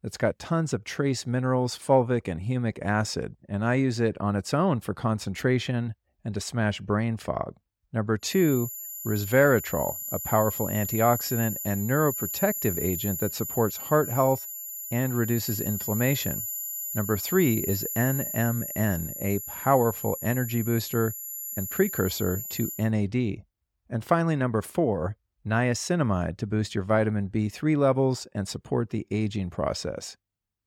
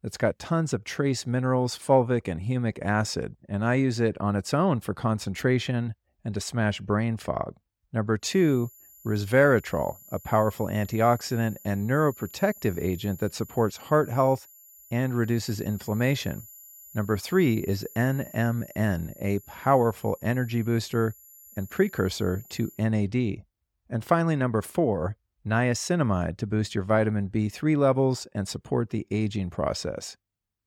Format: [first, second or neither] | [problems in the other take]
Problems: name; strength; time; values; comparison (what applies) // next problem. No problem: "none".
second | high-pitched whine; loud; from 8.5 to 23 s; 11.5 kHz, 5 dB below the speech; faint in the second